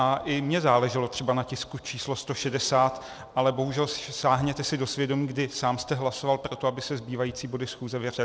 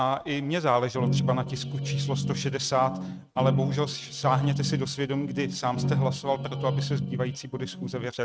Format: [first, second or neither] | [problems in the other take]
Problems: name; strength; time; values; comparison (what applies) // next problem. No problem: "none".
first | noise reduction (neural mask model RNNoise)